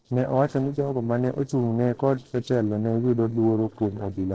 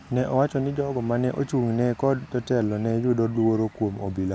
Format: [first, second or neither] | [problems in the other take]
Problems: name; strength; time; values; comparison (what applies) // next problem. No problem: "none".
second | noise reduction (neural separator model SepFormer DNS4)